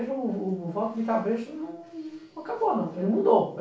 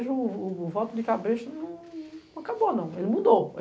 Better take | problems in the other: second | room echo; dies away in 0.3 s

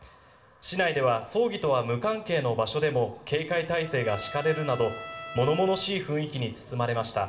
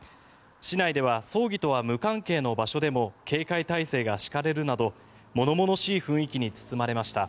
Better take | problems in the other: second | background sound (Trumpet); 15 dB below the speech // room echo; dies away in 2.6 s

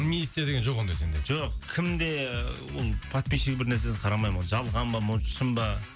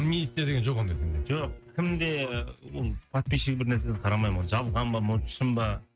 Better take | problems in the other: first | noise reduction (neural mask model RNNoise)

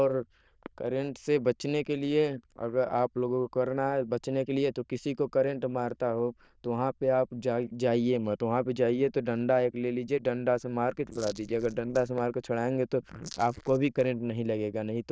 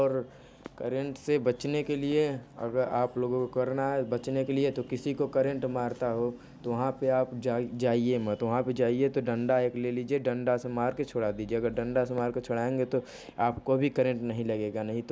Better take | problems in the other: second | noise reduction (neural diffusion model UNIVERSE++)

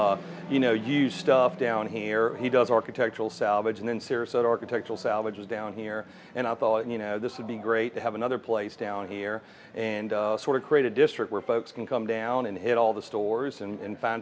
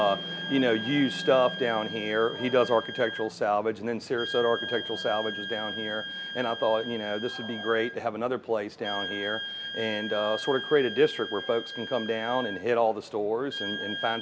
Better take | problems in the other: first | background sound (Wind instrument, woodwind instrument); 9 dB below the speech

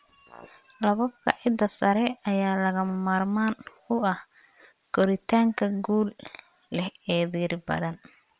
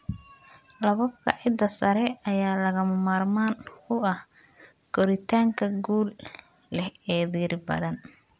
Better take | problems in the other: second | noise reduction (neural separator model SepFormer WHAM!)

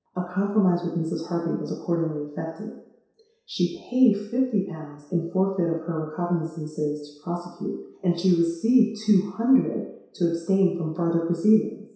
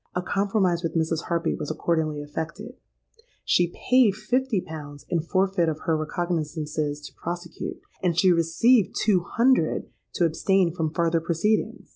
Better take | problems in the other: second | room echo; dies away in 0.7 s

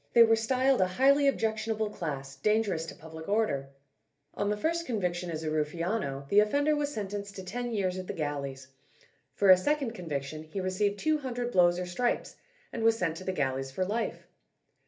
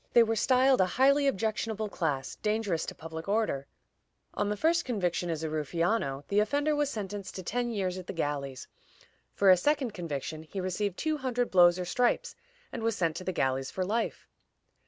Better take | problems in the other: second | room echo; dies away in 0.3 s

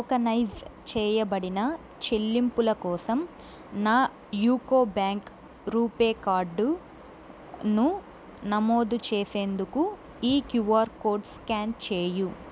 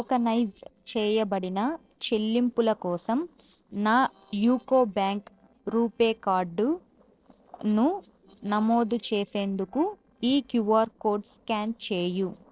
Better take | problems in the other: first | noise reduction (neural separator model SepFormer DNS4)

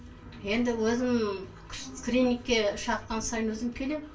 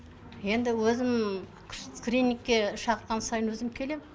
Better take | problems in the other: second | room echo; dies away in 0.2 s

